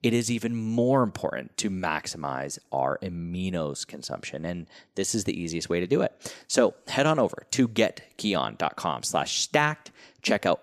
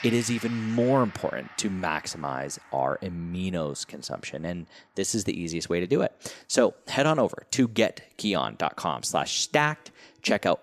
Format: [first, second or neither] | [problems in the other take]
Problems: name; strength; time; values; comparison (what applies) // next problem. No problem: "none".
first | background music; noticeable; throughout; 15 dB below the speech